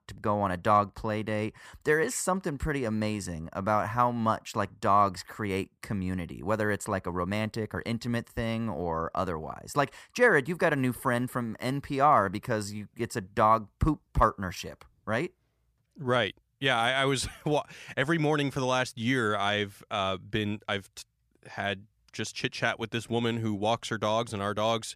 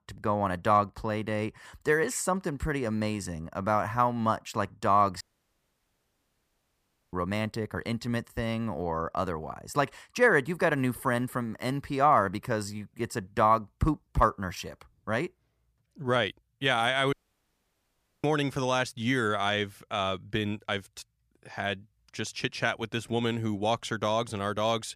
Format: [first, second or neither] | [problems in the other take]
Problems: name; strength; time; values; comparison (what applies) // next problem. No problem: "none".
first | audio cutting out; at 5 s for 2 s and at 17 s for 1 s